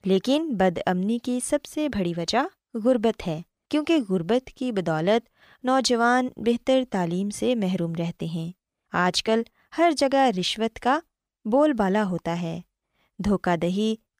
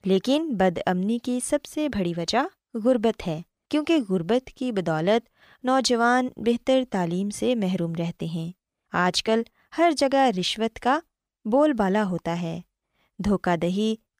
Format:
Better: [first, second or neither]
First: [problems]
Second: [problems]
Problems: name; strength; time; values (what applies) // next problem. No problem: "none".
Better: neither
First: none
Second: none